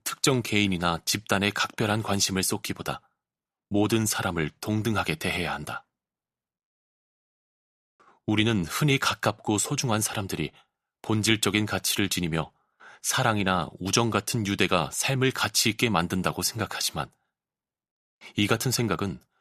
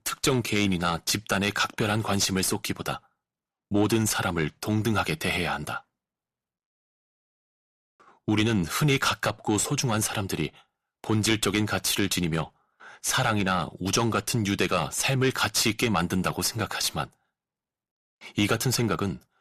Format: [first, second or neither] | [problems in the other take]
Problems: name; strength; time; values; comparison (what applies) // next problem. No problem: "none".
first | distortion; slight; 10 dB below the speech